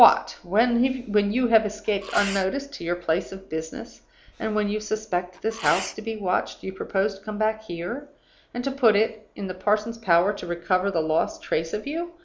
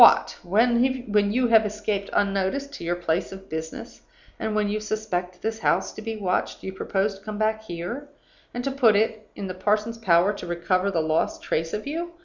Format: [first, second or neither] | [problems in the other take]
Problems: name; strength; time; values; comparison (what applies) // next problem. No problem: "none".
second | background sound (Sneeze); 14 dB below the speech